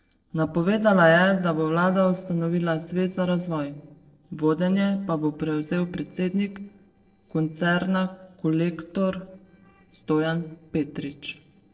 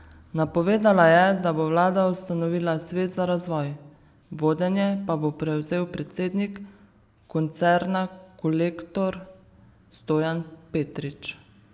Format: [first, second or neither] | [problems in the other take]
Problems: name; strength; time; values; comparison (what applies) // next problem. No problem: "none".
second | noise reduction (neural separator model SepFormer DNS4)